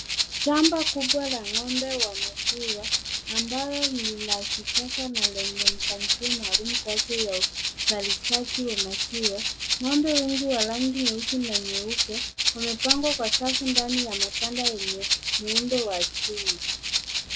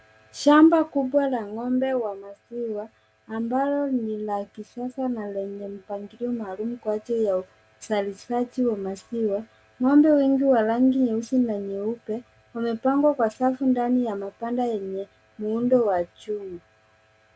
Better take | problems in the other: second | background sound (Rattle (instrument)); 3 dB above the speech

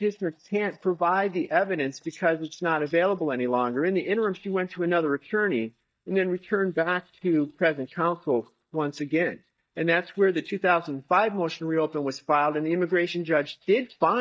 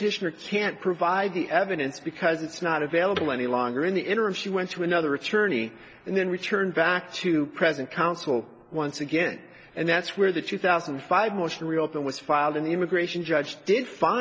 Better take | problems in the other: second | noise reduction (neural mask model DeepFilterNet 3)

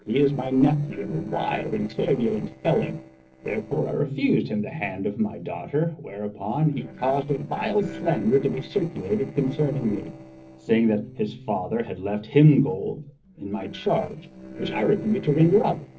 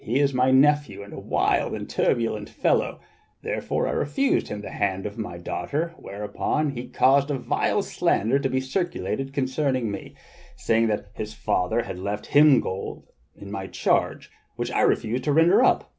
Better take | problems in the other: second | noise reduction (neural separator model SepFormer DNS4)

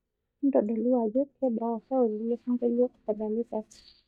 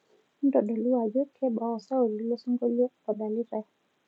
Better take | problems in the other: second | noise reduction (neural mask model DeepFilterNet 3)

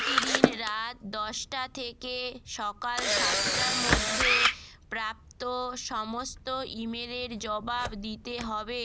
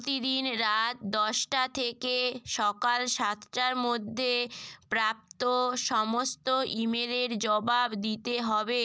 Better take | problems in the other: second | background sound (Camera); 3 dB above the speech

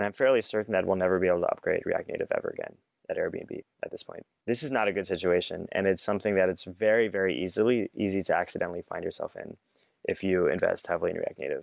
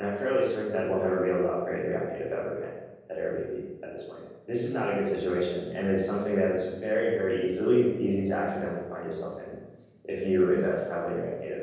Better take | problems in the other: first | room echo; dies away in 1.3 s

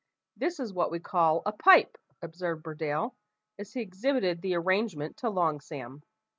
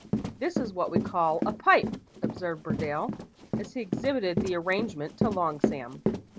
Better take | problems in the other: first | background sound (Run); 2 dB below the speech

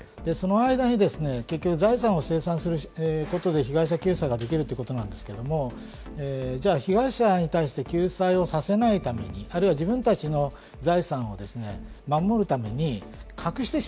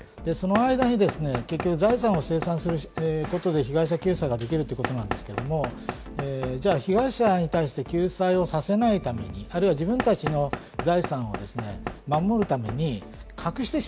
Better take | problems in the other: first | background sound (Knock / Wood); 11 dB below the speech

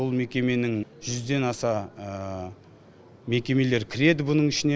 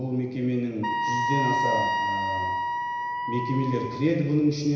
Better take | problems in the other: first | background sound (Wind instrument, woodwind instrument); as loud as the speech // room echo; dies away in 1 s

